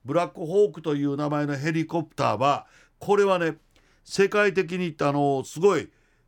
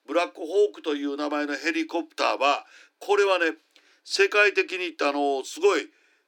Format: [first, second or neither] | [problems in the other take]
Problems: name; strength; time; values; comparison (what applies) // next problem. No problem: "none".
first | thin; very slightly; fading below 300 Hz